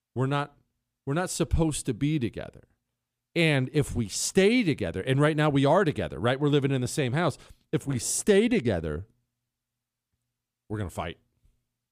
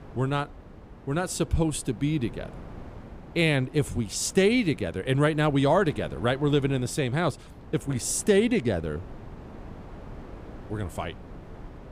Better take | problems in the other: first | wind noise on the microphone; occasional gusts; 20 dB below the speech

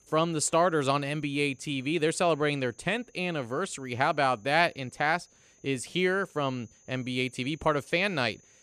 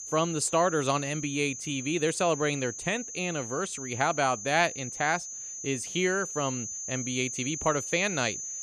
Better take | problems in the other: first | high-pitched whine; loud; throughout; 6.5 kHz, 7 dB below the speech; faint in the first

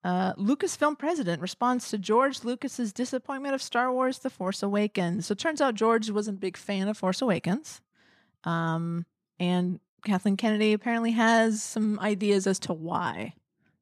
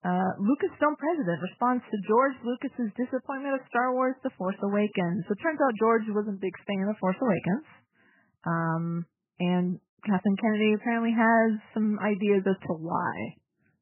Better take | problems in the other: first | garbled, watery; badly; nothing above 3 kHz

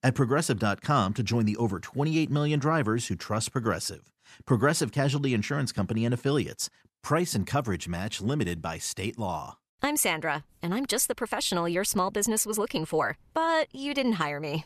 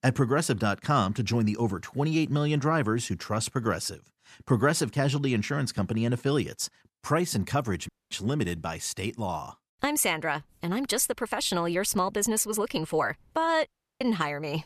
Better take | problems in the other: first | audio cutting out; at 8 s and at 14 s

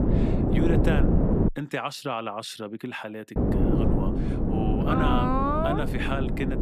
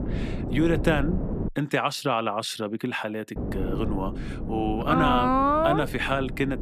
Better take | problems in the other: second | wind noise on the microphone; heavy; until 1.5 s and from 3.5 s on; 2 dB below the speech; occasional gusts in the second

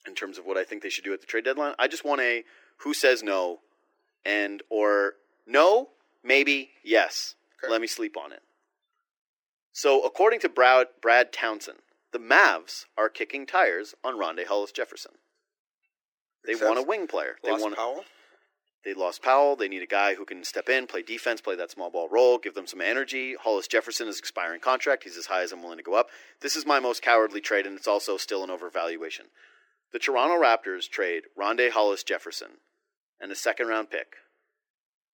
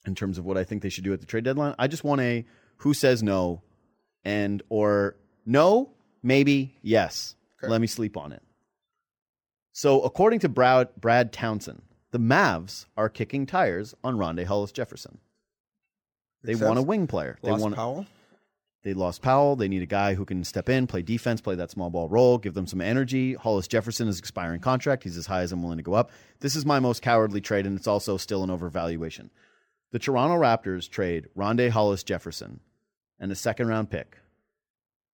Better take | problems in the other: second | thin; very; fading below 300 Hz

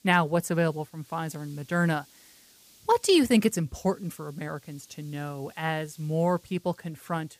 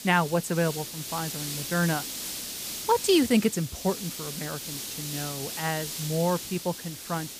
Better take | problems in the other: first | hiss; loud; throughout; 6 dB below the speech; faint in the first

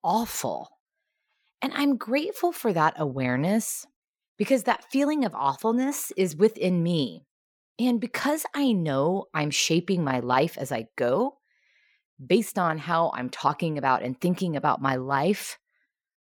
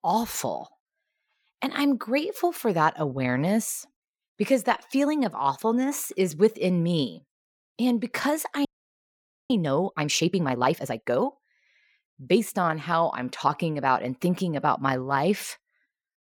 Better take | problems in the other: first | audio freezing; at 8.5 s for 1 s

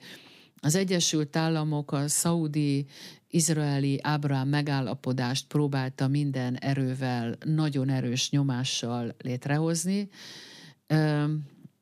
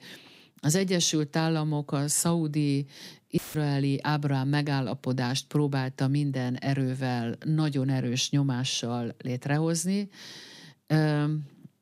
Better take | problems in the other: first | audio cutting out; filled with static; at 3.5 s

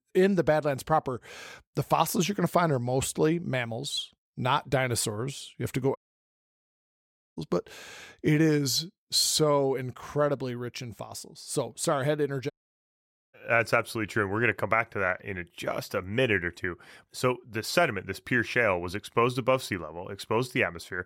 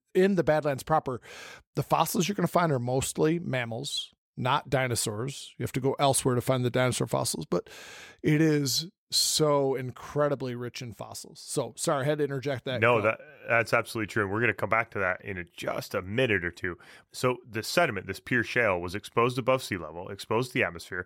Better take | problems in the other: second | audio cutting out; at 6 s for 1.5 s and at 13 s for 1 s

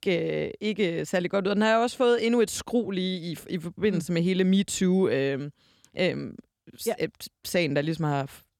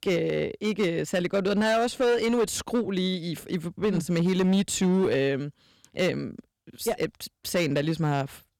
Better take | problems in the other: first | distortion; slight; 10% of the sound clipped

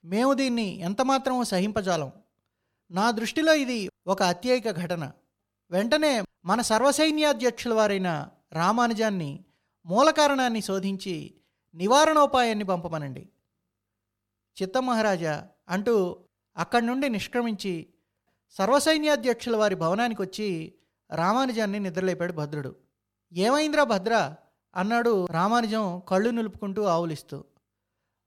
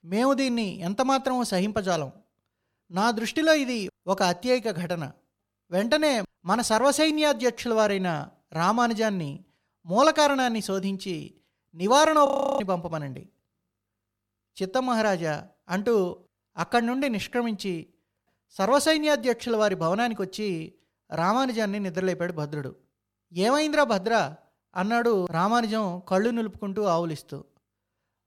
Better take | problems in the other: first | audio freezing; at 12 s

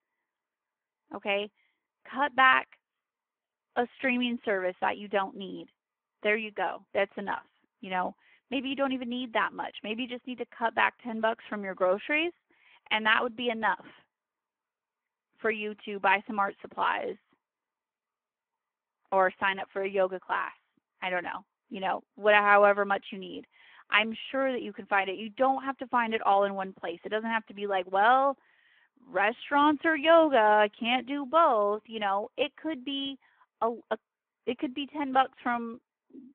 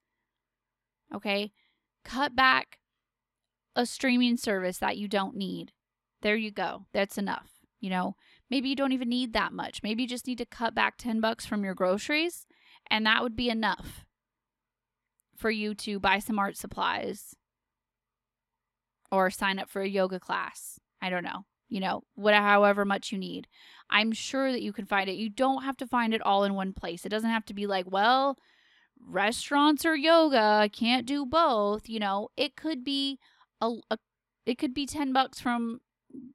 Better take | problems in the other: second | phone-call audio

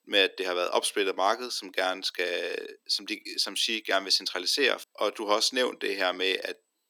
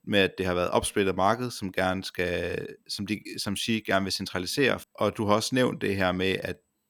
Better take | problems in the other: second | thin; somewhat; fading below 300 Hz

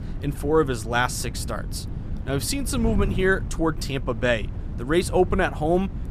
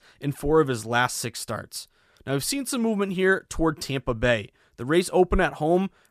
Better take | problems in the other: second | wind noise on the microphone; occasional gusts; 20 dB below the speech

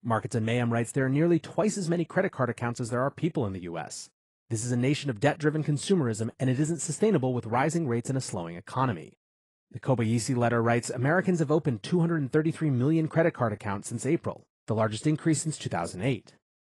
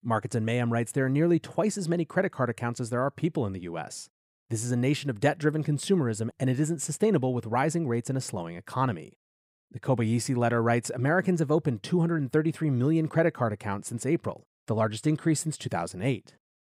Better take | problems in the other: second | garbled, watery; slightly

